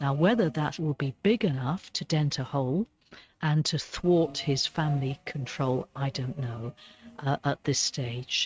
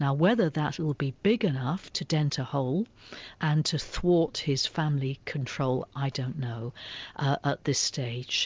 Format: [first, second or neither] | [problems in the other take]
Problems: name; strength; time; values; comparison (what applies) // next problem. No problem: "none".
second | noise reduction (neural mask model RNNoise)